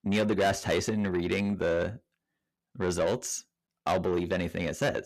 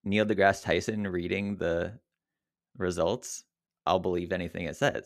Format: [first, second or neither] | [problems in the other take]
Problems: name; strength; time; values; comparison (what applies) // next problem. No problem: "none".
second | distortion; heavy; 7 dB below the speech